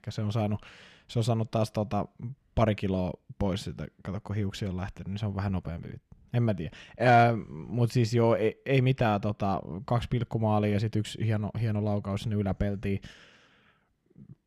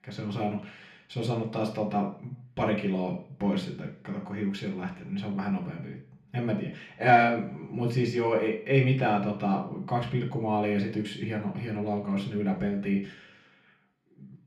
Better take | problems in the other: first | room echo; slight; dies away in 0.4 s // off-mic speech; far

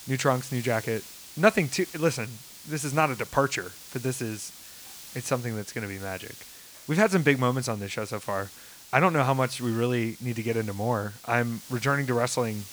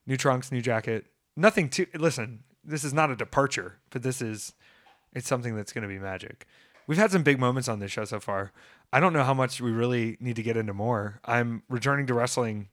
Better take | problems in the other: second | hiss; noticeable; throughout; 15 dB below the speech

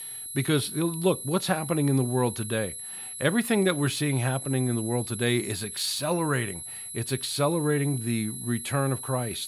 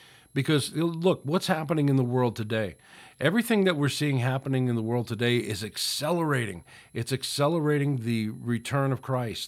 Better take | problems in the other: second | high-pitched whine; loud; throughout; 11 kHz, 8 dB below the speech; faint in the second

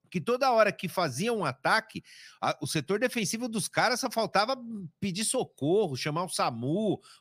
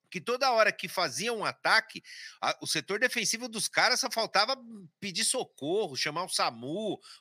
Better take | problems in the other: first | thin; very slightly; fading below 900 Hz

